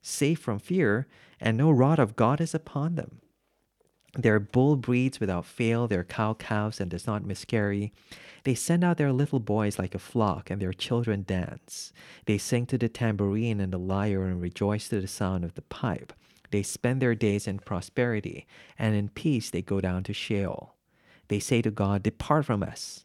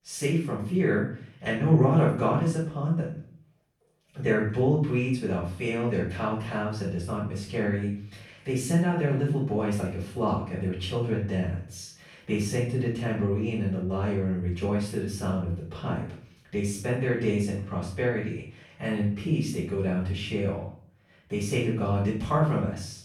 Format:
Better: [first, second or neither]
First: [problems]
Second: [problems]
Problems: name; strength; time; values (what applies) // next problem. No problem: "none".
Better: first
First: none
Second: off-mic speech; far // room echo; noticeable; dies away in 0.5 s